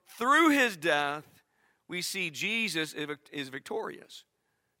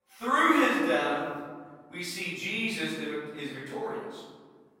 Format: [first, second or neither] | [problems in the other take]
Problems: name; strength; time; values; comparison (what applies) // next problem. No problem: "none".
first | off-mic speech; far // room echo; strong; dies away in 1.5 s